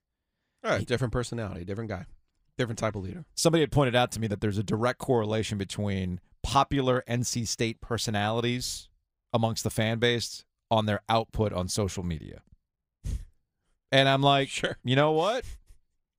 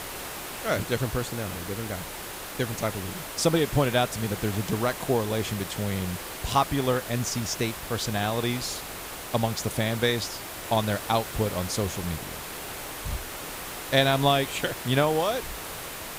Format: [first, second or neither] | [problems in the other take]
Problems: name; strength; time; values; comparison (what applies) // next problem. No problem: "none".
first | hiss; loud; throughout; 8 dB below the speech